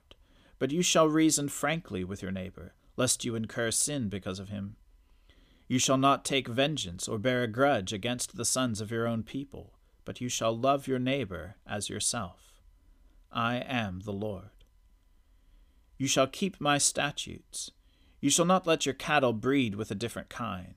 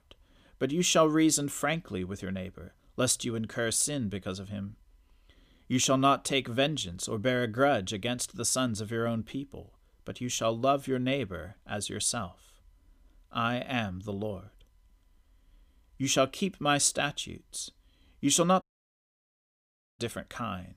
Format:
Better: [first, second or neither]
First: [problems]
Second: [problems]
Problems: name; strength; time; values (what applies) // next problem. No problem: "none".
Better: first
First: none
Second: audio cutting out; at 19 s for 1.5 s